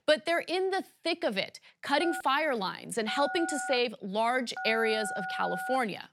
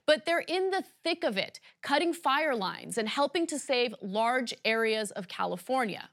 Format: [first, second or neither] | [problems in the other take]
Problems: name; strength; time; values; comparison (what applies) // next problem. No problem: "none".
second | phone ringing; noticeable; from 2 s on; peak 5 dB below the speech